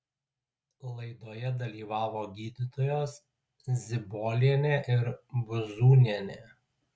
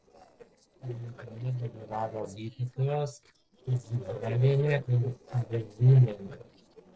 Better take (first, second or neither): first